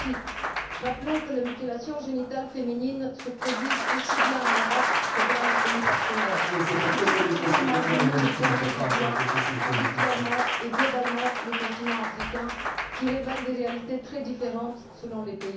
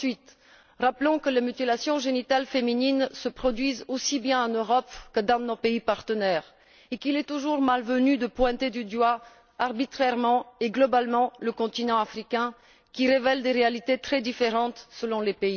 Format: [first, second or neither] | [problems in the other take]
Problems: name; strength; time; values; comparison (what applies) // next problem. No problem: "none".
second | background sound (Applause); 4 dB above the speech // room echo; dies away in 0.6 s